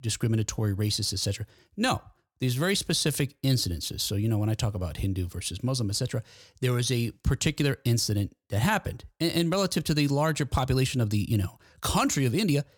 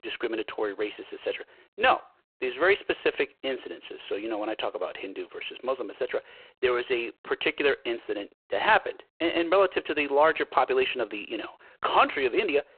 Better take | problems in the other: first | phone-call audio; poor line

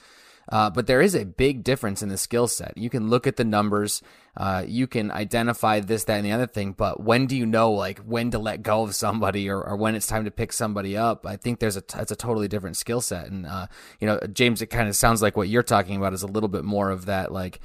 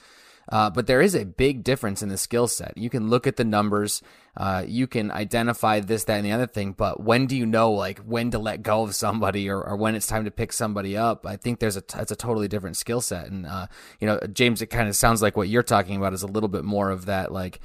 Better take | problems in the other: neither | none

